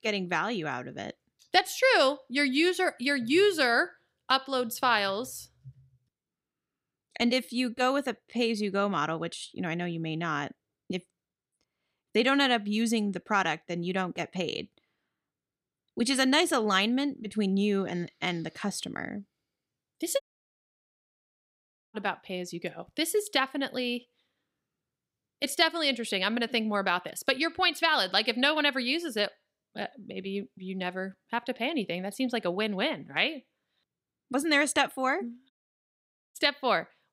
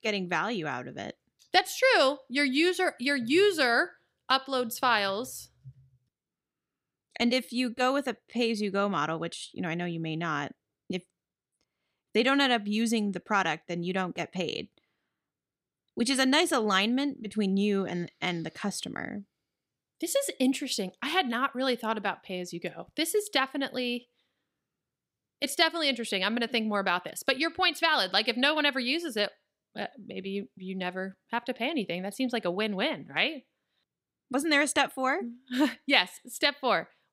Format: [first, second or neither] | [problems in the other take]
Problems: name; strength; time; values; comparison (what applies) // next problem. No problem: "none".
second | audio cutting out; at 20 s for 1.5 s and at 36 s for 1 s